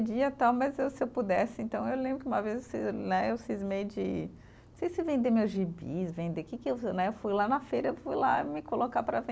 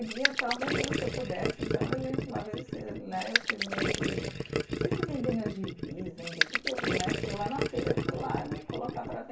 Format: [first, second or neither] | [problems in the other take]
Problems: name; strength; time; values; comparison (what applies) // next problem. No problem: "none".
first | background sound (Gurgling); 4 dB above the speech // room echo; dies away in 0.2 s